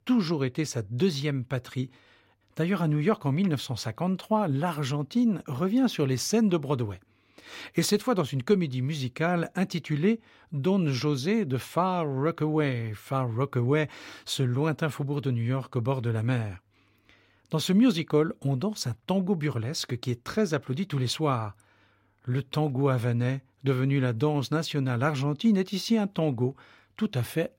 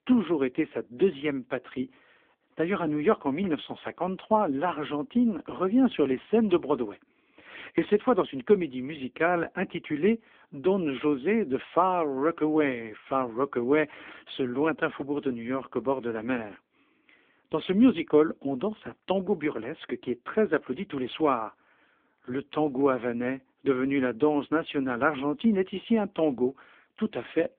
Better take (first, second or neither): first